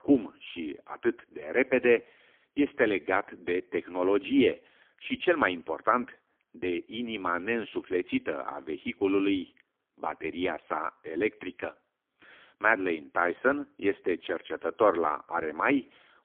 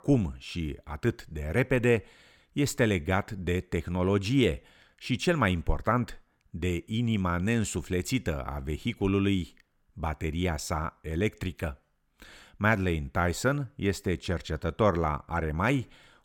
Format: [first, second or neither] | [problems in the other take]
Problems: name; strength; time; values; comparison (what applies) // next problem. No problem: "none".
second | phone-call audio; poor line; nothing above 3.5 kHz